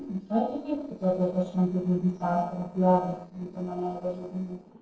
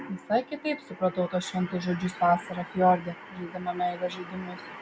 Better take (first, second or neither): second